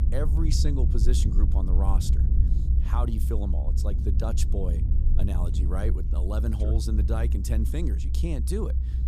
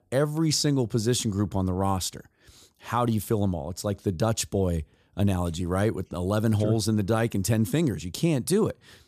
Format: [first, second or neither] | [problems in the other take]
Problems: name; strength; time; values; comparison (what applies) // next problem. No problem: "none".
second | low rumble; loud; throughout; 6 dB below the speech